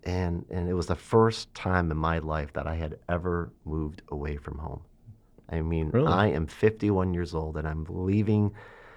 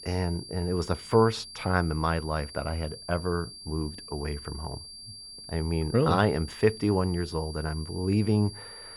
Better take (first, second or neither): first